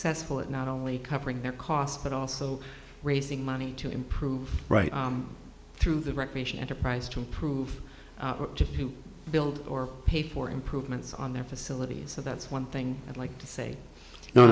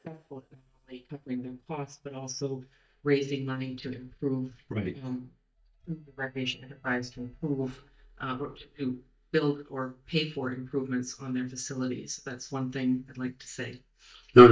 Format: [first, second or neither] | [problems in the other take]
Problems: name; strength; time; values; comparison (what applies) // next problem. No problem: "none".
first | noise reduction (neural mask model DeepFilterNet 3)